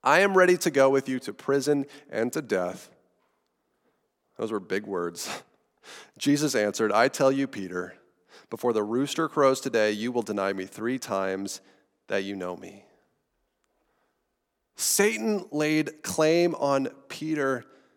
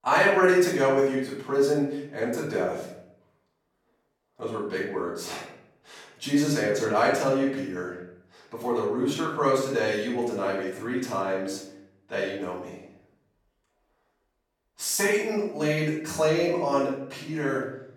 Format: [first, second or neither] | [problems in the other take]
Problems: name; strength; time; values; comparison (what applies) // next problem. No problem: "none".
first | room echo; noticeable; dies away in 0.7 s // off-mic speech; far